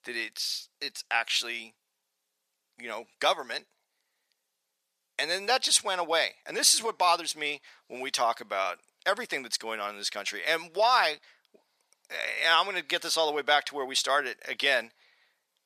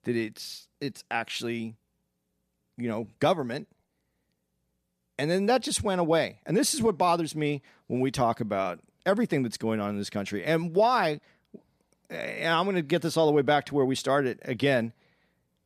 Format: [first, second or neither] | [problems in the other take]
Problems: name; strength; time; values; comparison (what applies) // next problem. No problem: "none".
second | thin; very; fading below 850 Hz